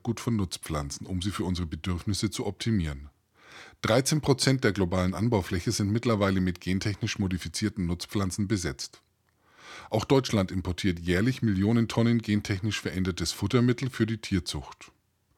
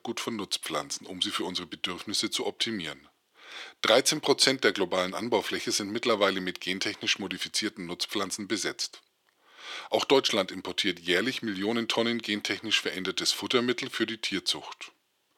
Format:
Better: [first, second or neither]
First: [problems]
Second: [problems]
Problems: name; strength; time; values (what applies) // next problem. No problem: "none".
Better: first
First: none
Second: thin; somewhat; fading below 400 Hz